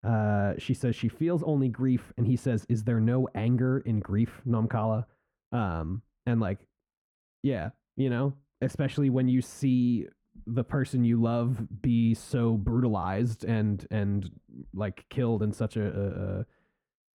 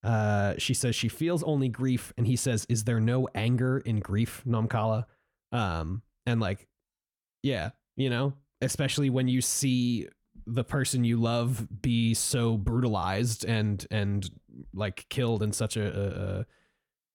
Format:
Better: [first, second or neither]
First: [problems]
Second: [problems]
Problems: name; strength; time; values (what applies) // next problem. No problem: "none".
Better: second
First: muffled; very; fading above 2.5 kHz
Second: none